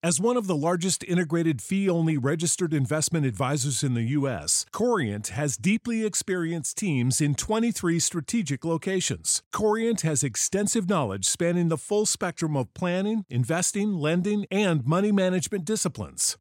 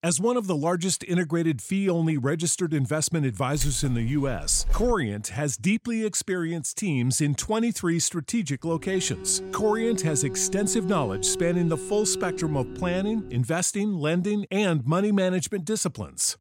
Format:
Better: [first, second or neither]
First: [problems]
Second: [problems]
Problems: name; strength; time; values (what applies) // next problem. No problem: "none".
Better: first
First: none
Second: jangling keys; noticeable; from 3.5 to 5 s; peak 7 dB below the speech // alarm; noticeable; from 8.5 to 13 s; peak 7 dB below the speech